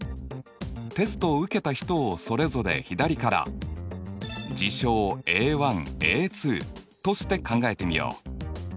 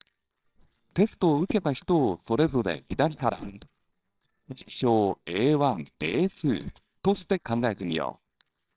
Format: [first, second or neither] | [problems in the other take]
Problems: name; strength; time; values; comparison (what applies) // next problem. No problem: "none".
first | noise reduction (neural separator model SepFormer WHAMR!)